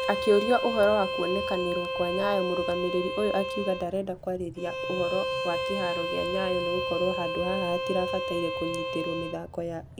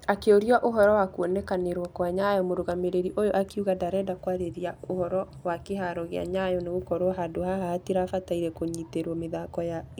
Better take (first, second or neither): second